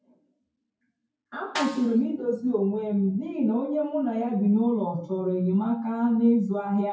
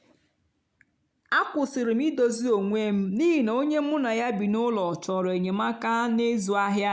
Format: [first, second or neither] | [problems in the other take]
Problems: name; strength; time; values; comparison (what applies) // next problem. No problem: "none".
second | noise reduction (classical method WPE with log-MMSE)